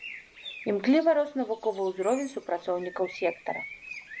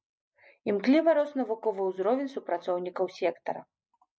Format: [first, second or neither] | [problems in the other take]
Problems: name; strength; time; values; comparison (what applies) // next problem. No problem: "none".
second | background sound (Bird); 15 dB below the speech